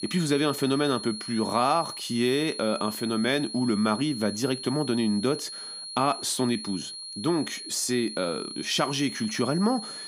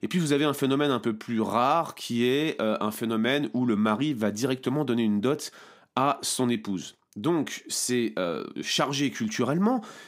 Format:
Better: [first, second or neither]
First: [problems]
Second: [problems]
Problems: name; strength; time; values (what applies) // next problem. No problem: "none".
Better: second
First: high-pitched whine; loud; throughout; 4.5 kHz, 9 dB below the speech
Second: none